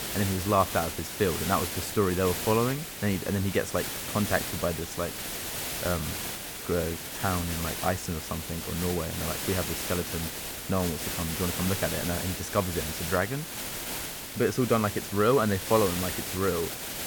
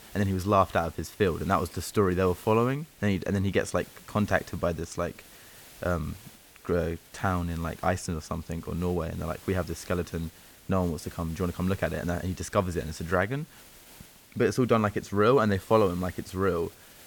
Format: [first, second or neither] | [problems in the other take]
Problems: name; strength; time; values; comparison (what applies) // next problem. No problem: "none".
second | hiss; loud; throughout; 3 dB below the speech; faint in the second